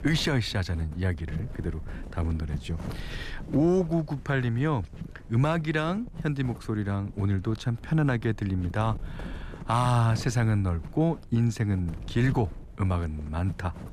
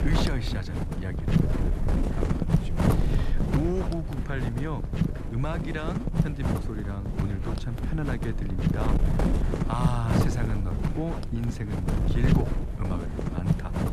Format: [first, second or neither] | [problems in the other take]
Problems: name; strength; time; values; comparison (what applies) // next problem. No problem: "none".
first | wind noise on the microphone; heavy; 2 dB above the speech; occasional gusts in the first